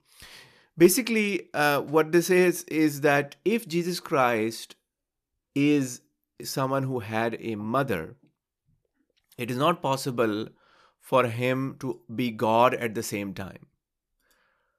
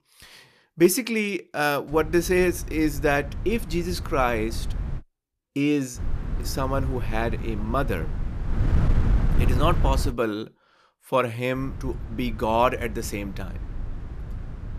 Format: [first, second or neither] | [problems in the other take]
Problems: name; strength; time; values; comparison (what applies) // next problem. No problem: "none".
first | wind noise on the microphone; occasional gusts; from 2 to 5 s, from 6 to 10 s and from 12 s on; 15 dB below the speech